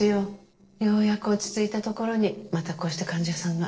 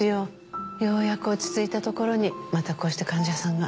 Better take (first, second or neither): second